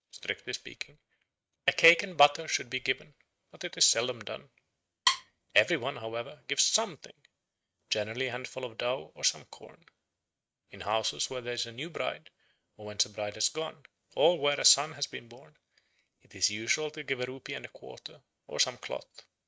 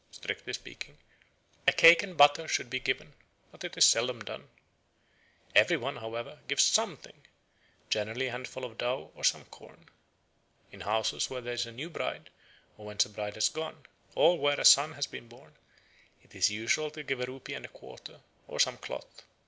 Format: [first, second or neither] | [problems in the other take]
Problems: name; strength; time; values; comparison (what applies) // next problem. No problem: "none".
second | noise reduction (neural mask model RNNoise)